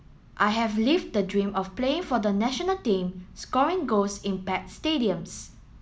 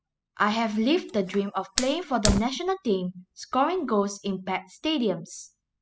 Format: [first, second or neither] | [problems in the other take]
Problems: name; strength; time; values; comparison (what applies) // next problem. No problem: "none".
first | noise reduction (classical method spectral subtraction)